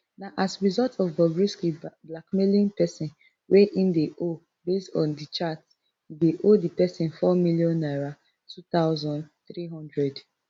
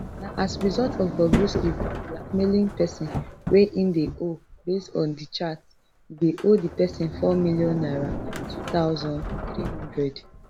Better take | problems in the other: first | background sound (Sliding door); 7 dB below the speech

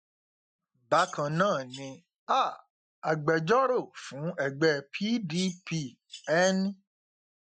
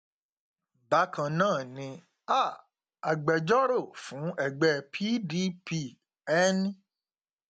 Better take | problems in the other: second | noise reduction (classical method Wiener filter)

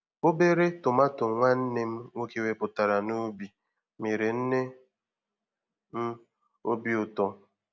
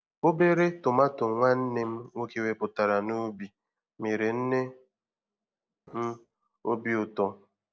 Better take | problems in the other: first | noise reduction (neural separator model SepFormer DNS4)

